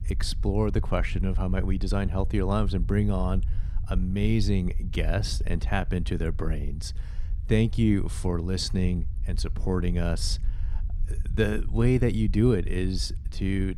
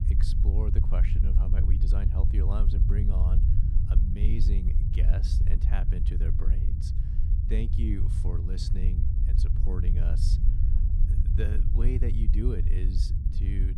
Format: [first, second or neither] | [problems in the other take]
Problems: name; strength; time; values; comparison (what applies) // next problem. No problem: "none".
first | low rumble; loud; throughout; 1 dB below the speech; faint in the first